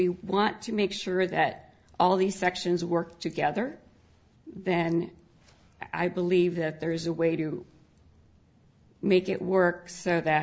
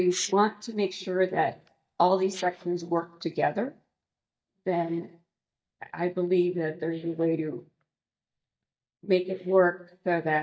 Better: first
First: none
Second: noise reduction (neural mask model DeepFilterNet 3)

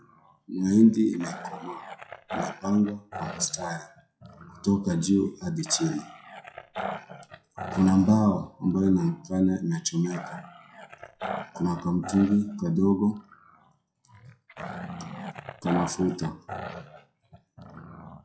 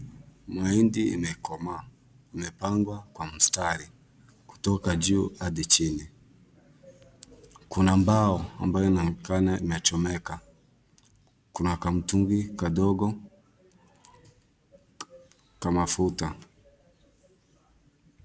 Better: second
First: noise reduction (classical method WPE with log-MMSE)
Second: none

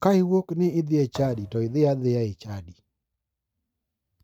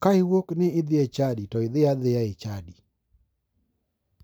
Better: second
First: noise reduction (neural mask model RNNoise)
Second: none

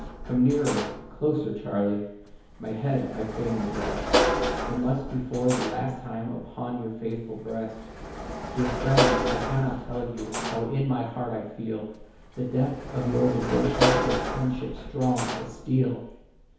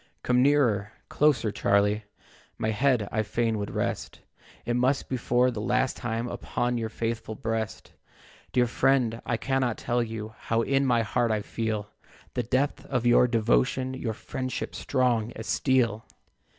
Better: second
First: background sound (Sliding door / Slam); 3 dB below the speech // room echo; dies away in 2.2 s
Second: none

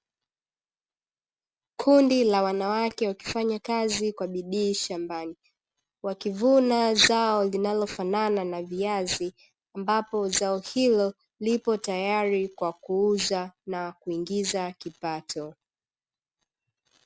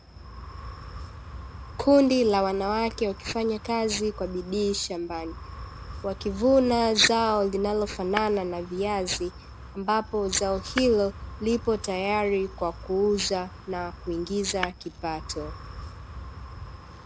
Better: first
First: none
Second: background sound (Tap / Hammer + Wind); 13 dB below the speech

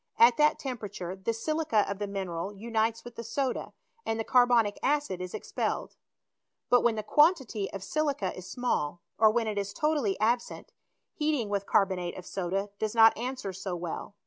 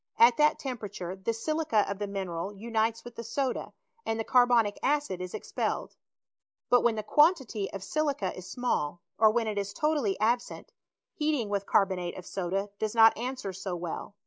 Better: first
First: none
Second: noise reduction (neural mask model Resemble Enhance denoiser)

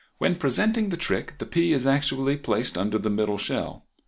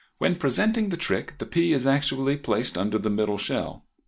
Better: first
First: none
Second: noise reduction (neural mask model Resemble Enhance denoiser)

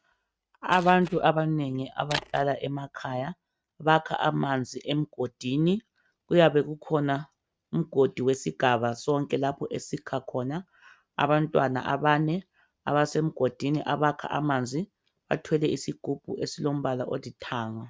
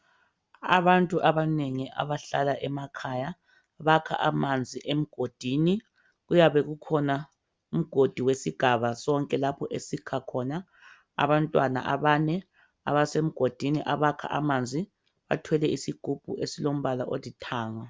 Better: second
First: noise reduction (neural mask model RNNoise)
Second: none

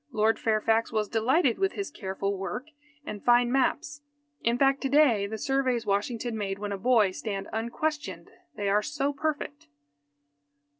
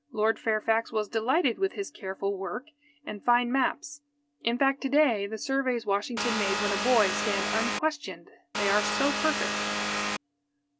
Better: first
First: none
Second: background sound (Vehicle); as loud as the speech

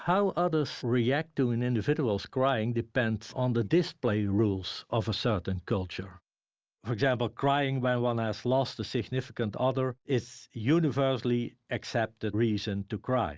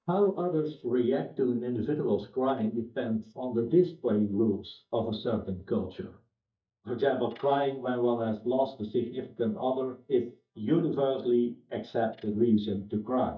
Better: first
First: none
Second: noise reduction (neural mask model DeepFilterNet 3)

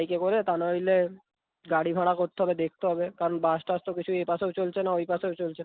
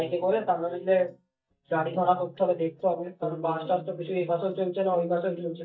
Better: first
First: none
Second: noise reduction (neural mask model DeepFilterNet 3)

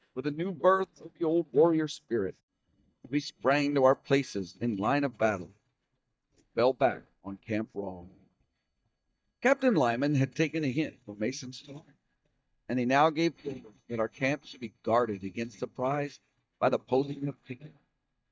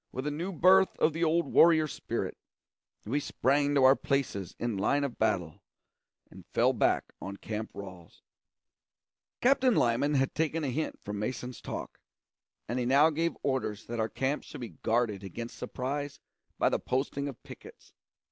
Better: second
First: noise reduction (neural mask model DeepFilterNet 3)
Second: none

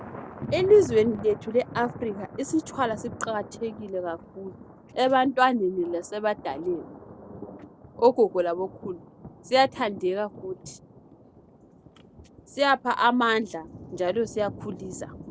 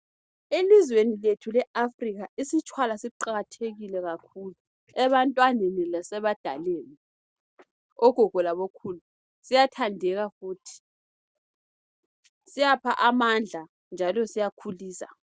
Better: second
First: background sound (Thunder); 16 dB below the speech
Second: none

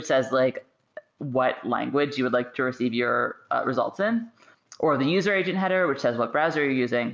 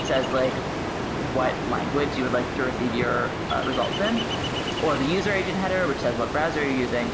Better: first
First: none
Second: background sound (Ocean); 2 dB below the speech

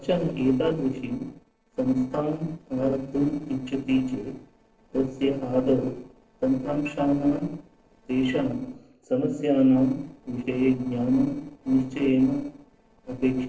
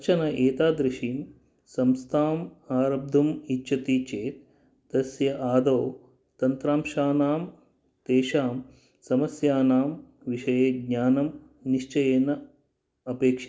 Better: second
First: noise reduction (neural separator model SepFormer DNS4)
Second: none

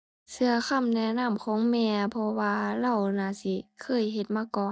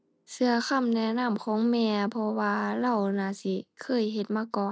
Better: second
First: noise reduction (neural mask model DeepFilterNet 3)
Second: none

